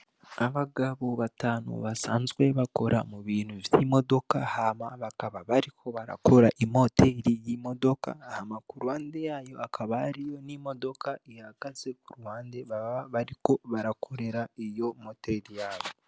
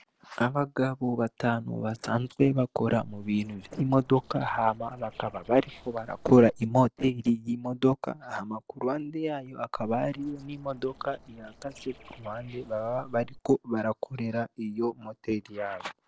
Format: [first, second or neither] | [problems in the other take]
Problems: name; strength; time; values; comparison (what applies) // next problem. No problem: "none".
first | noise reduction (neural separator model SepFormer DNS4)